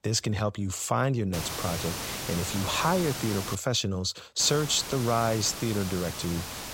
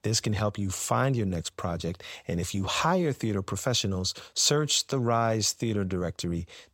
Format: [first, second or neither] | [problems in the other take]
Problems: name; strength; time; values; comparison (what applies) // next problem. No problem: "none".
second | hiss; loud; from 1.5 to 3.5 s and from 4.5 s on; 7 dB below the speech